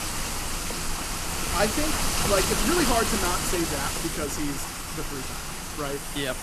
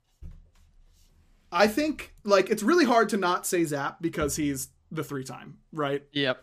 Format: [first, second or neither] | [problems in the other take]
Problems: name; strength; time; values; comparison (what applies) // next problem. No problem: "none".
second | rain or running water; very loud; throughout; 2 dB above the speech